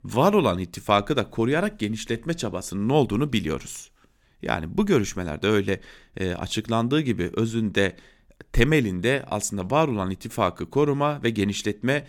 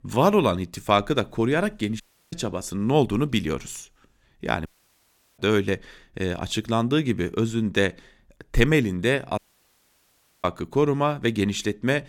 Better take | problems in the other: first | audio cutting out; at 2 s, at 4.5 s for 0.5 s and at 9.5 s for 1 s

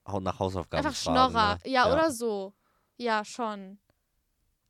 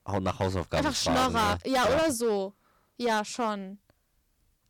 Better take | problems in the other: first | distortion; heavy; 11% of the sound clipped

